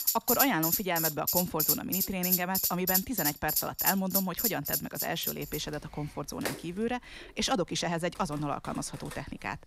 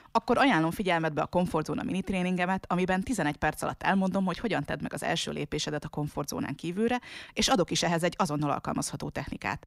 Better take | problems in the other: second | background music; very loud; throughout; 4 dB above the speech

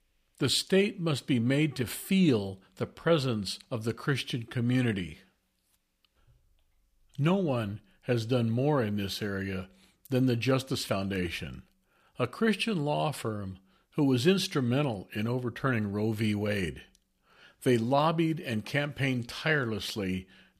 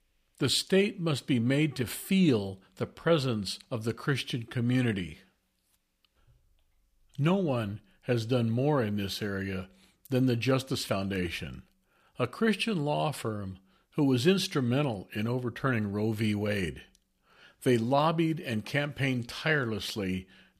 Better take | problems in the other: neither | none

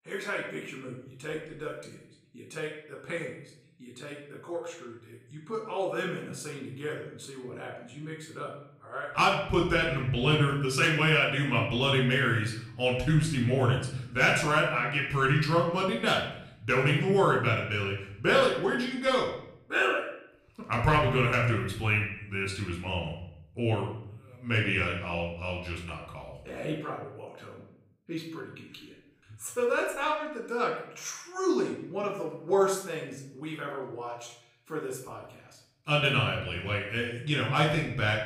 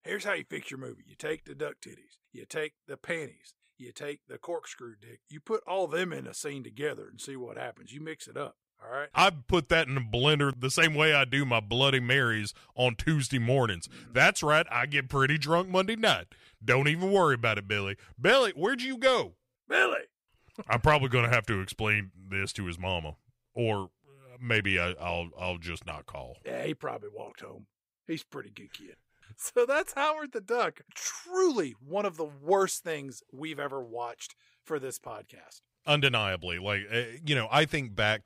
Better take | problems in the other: second | off-mic speech; somewhat distant // room echo; noticeable; dies away in 0.7 s

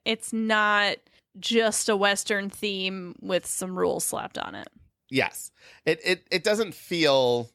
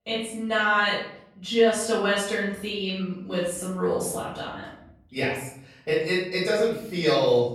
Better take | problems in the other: first | off-mic speech; far // room echo; noticeable; dies away in 0.8 s

